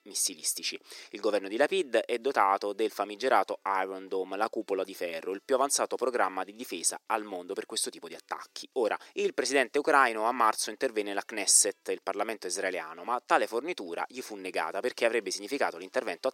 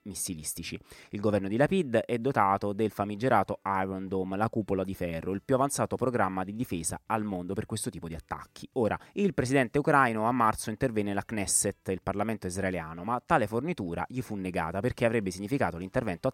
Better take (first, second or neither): second